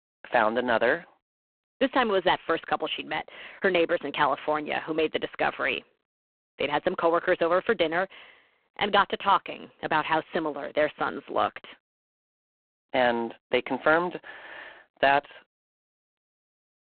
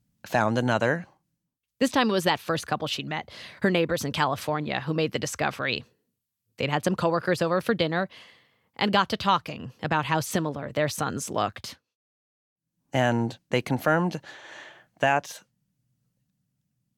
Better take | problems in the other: second | phone-call audio; poor line

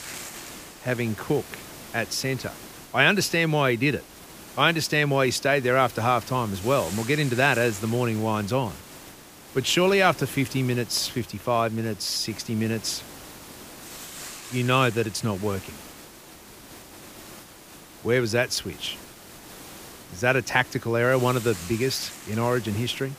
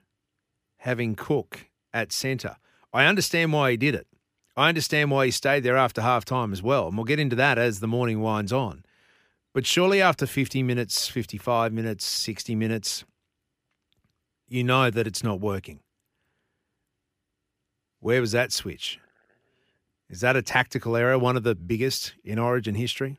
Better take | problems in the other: second | hiss; noticeable; throughout; 15 dB below the speech

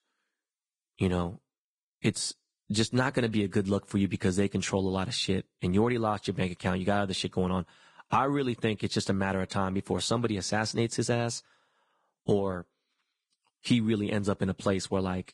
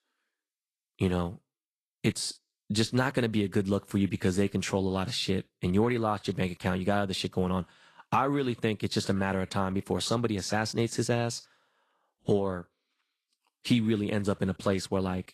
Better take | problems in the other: second | garbled, watery; badly; slightly in the second

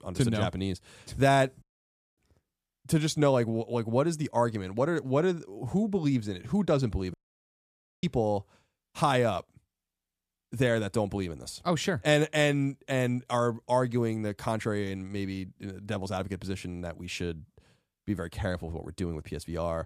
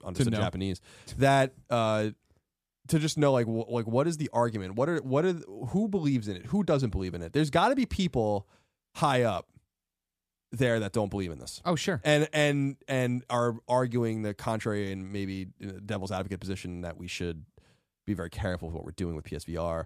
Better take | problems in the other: second | audio cutting out; at 1.5 s for 0.5 s and at 7 s for 1 s

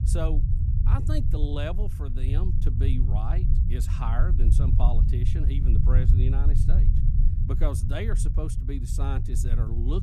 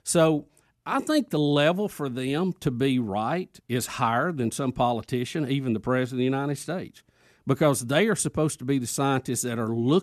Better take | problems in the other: second | low rumble; loud; throughout; 3 dB below the speech

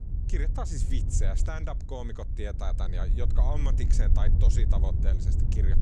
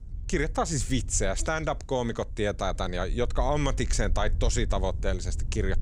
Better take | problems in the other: second | wind noise on the microphone; heavy; 5 dB below the speech; occasional gusts in the second

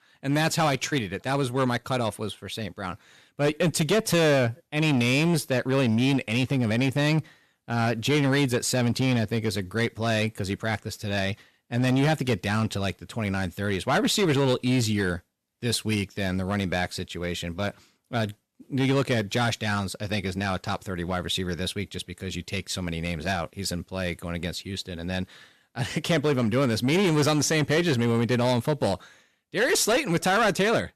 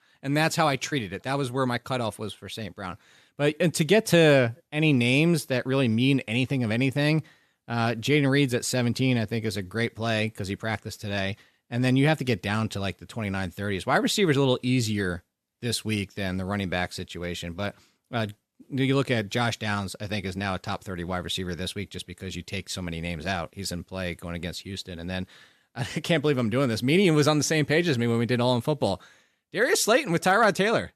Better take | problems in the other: second | distortion; slight; 8% of the sound clipped

